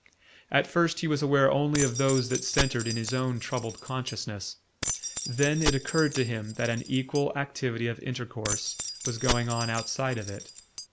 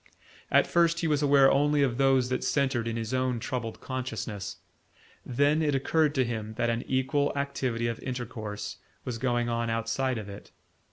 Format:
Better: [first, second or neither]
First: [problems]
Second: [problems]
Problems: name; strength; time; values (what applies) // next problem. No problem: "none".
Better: second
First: background sound (Keys jangling); 6 dB below the speech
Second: none